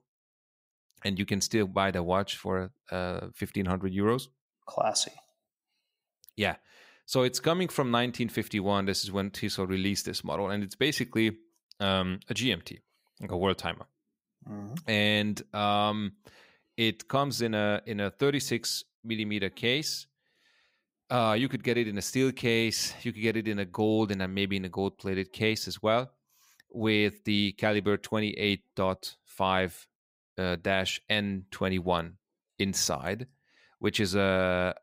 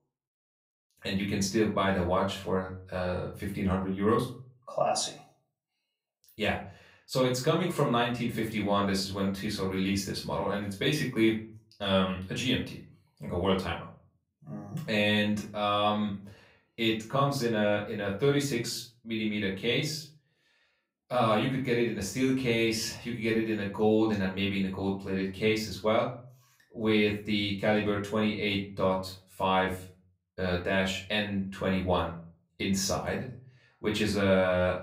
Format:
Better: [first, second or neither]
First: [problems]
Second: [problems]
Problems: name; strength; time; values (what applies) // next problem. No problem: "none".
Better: first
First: none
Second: room echo; slight; dies away in 0.4 s // off-mic speech; far